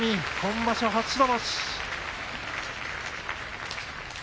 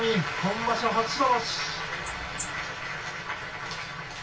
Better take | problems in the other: first | background sound (Wild animals); 10 dB below the speech // room echo; dies away in 0.2 s

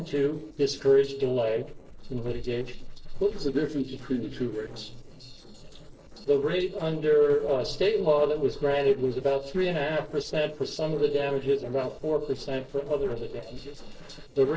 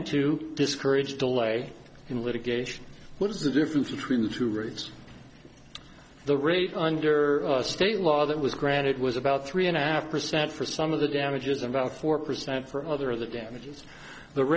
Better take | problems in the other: second | noise reduction (neural separator model SepFormer DNS4)

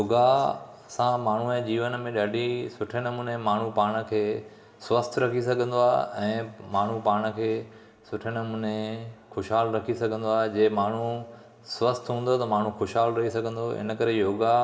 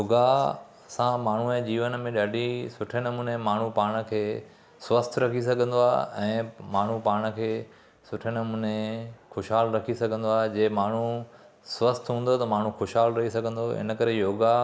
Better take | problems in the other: second | room echo; dies away in 1.4 s

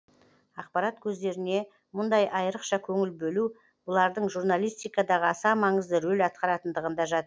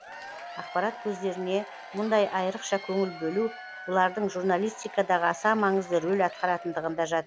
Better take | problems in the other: first | background sound (Applause / Crowd / Cheering); 15 dB below the speech

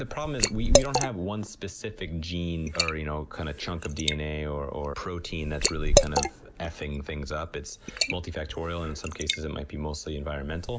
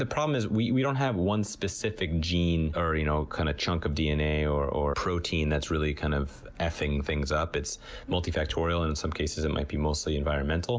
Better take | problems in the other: second | background sound (Liquid); 2 dB above the speech

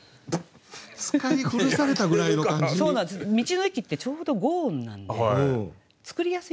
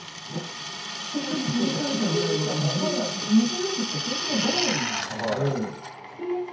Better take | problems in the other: first | background sound (Drill); 4 dB below the speech // room echo; dies away in 0.6 s

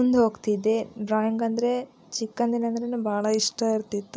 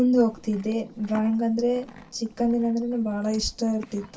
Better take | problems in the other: first | background sound (Livestock, farm animals, working animals); 20 dB below the speech // room echo; dies away in 0.2 s

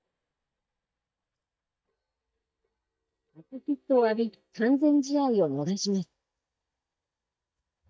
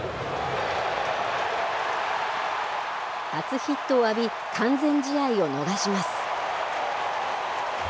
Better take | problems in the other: second | noise reduction (neural mask model DeepFilterNet 3)

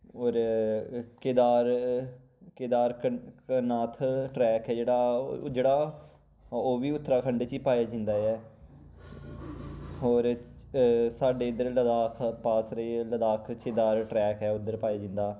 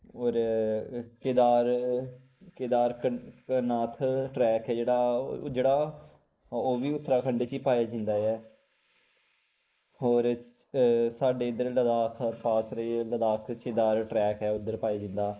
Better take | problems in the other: first | noise reduction (neural mask model Resemble Enhance denoiser)

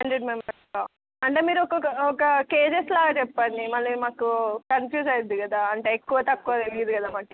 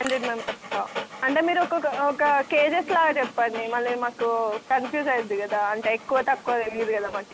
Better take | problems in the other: first | background sound (Dog); 13 dB below the speech

